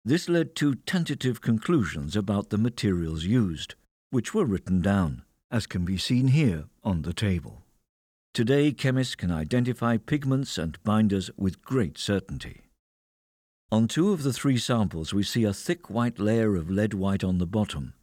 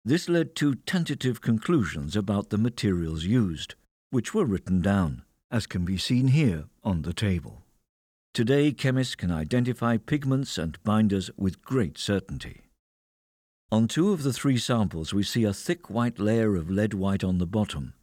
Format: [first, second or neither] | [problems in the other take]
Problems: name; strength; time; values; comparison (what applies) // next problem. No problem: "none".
neither | none